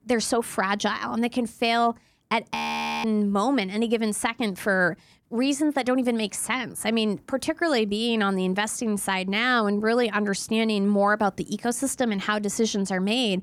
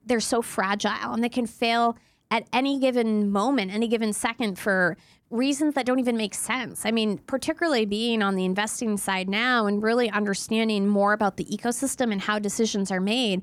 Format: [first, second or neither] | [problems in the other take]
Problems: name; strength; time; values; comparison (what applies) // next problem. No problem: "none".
second | audio freezing; at 2.5 s